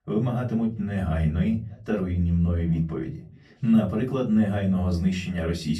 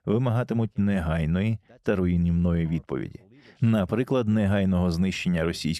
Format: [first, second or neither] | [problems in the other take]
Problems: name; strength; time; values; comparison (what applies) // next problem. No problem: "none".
second | off-mic speech; far // room echo; very slight; dies away in 0.4 s